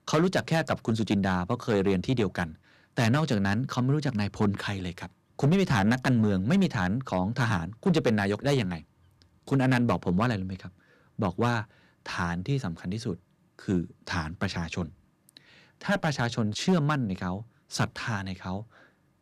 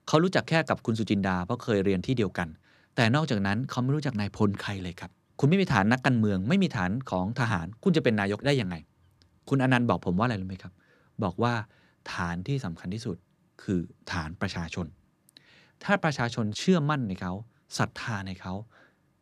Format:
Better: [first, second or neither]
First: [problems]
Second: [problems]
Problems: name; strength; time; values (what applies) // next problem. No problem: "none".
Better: second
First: distortion; slight; 3% of the sound clipped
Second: none